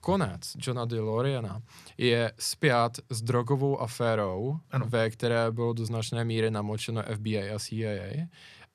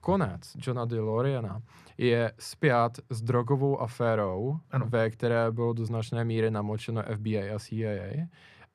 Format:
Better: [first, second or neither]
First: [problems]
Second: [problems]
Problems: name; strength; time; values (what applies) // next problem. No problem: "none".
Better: first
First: none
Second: muffled; slightly; fading above 2.5 kHz